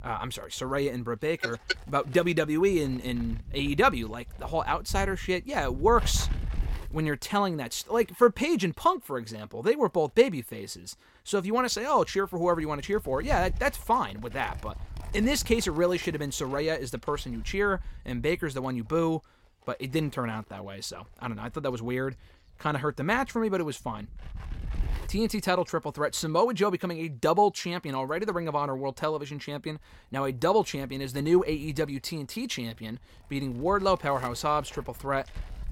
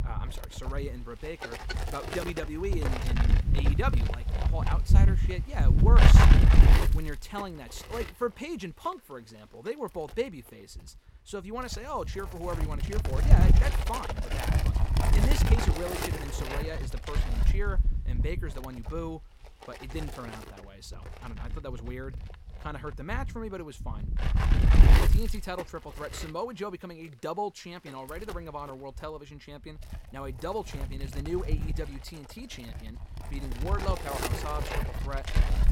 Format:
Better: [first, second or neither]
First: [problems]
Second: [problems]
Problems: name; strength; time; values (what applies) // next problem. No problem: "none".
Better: first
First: wind noise on the microphone; occasional gusts; 25 dB below the speech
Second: wind noise on the microphone; heavy; 1 dB above the speech